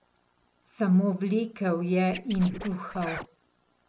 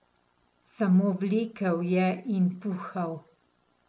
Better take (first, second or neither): second